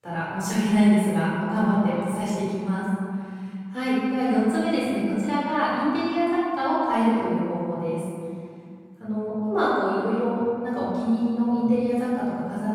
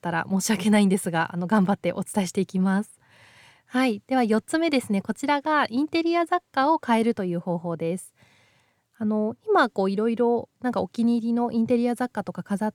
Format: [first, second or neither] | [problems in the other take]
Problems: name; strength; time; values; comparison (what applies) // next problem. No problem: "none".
second | off-mic speech; far // room echo; strong; dies away in 2.2 s